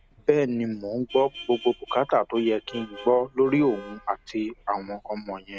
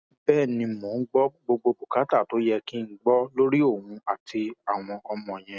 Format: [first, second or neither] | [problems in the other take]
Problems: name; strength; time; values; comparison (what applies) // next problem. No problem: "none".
second | background sound (Vehicle horn, car horn, honking); 19 dB below the speech